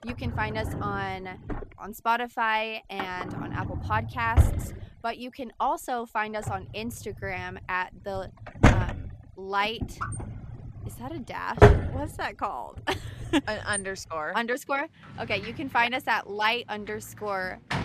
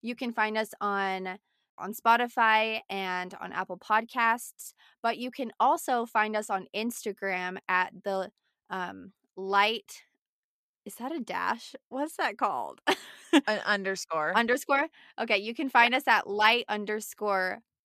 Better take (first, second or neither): second